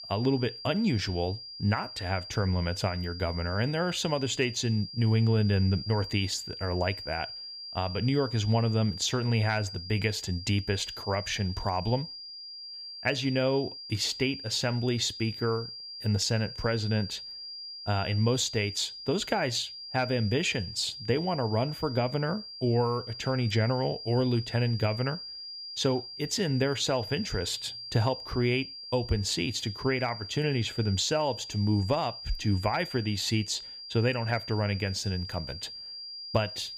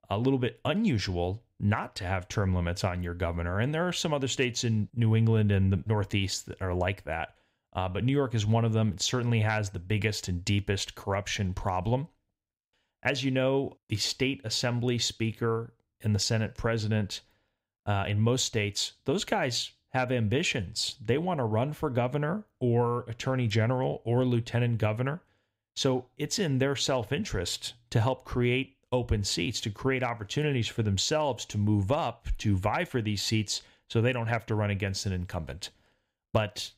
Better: second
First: high-pitched whine; loud; throughout; 5 kHz, 10 dB below the speech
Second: none

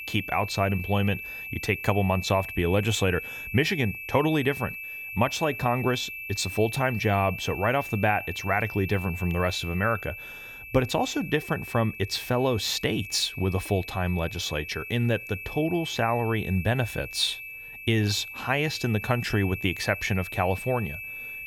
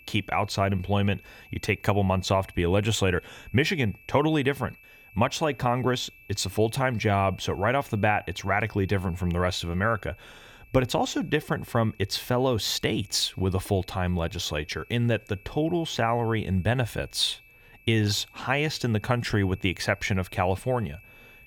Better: second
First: high-pitched whine; loud; throughout; 2.5 kHz, 9 dB below the speech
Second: high-pitched whine; faint; throughout; 2.5 kHz, 25 dB below the speech

